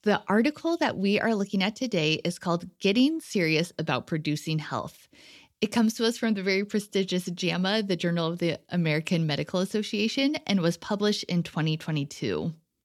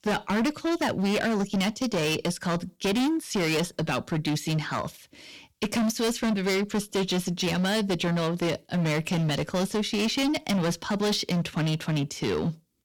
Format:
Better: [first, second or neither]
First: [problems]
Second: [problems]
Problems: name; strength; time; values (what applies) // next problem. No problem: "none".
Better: first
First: none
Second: distortion; heavy; 23% of the sound clipped